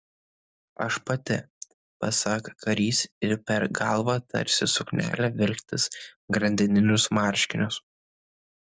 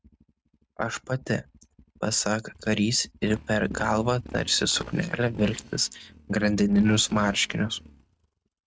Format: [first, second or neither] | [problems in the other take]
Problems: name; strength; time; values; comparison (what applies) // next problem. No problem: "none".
first | noise reduction (neural mask model RNNoise)